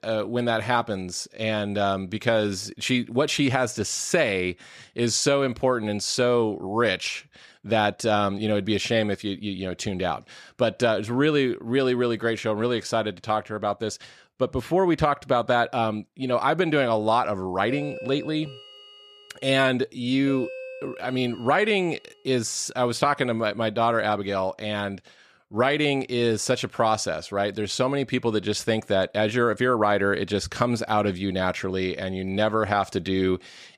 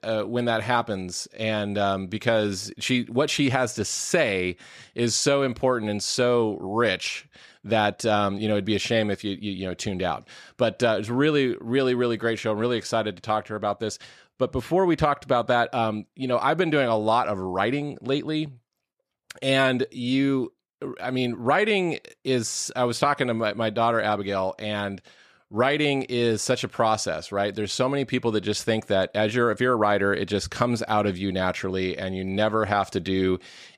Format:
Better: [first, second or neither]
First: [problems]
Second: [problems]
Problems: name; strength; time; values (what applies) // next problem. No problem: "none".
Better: second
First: doorbell; faint; from 18 to 22 s; peak 10 dB below the speech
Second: none